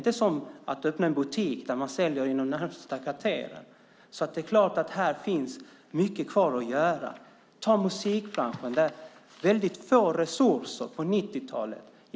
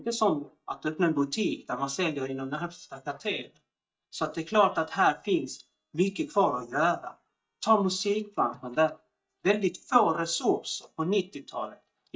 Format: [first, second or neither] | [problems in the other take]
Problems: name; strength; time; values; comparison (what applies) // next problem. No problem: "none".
first | noise reduction (neural mask model DeepFilterNet 3)